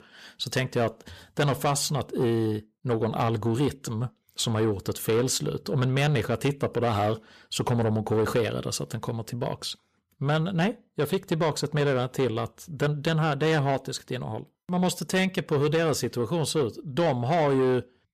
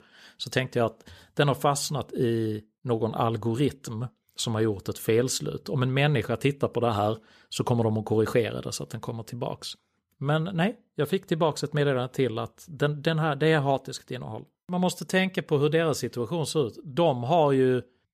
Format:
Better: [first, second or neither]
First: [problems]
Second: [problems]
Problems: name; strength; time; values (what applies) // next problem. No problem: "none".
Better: second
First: distortion; slight; 10 dB below the speech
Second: none